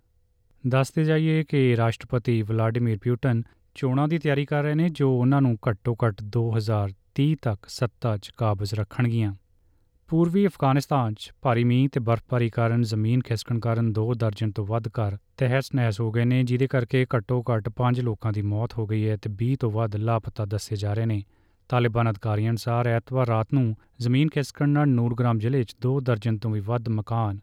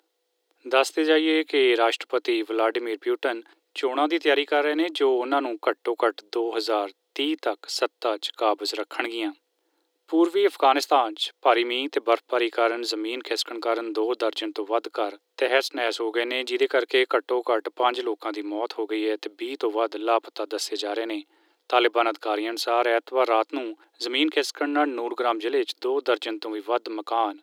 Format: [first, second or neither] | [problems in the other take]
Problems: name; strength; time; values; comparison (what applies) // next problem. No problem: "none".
first | thin; very; fading below 300 Hz